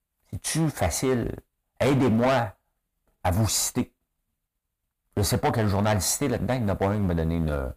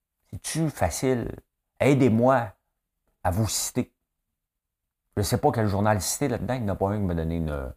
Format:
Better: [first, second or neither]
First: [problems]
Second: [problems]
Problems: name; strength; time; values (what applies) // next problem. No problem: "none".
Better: second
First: distortion; heavy; 8% of the sound clipped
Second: none